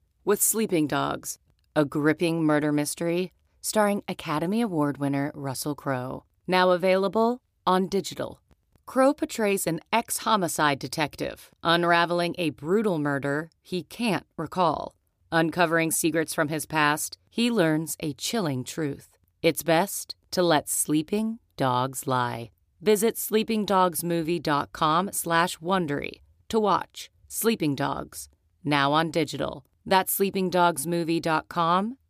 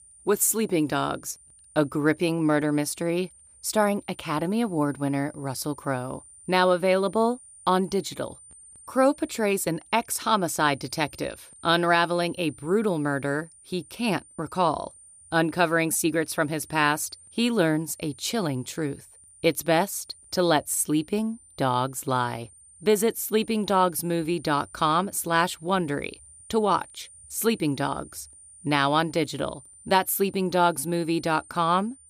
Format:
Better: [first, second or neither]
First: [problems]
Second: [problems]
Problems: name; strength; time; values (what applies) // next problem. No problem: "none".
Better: first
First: none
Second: high-pitched whine; faint; throughout; 9 kHz, 25 dB below the speech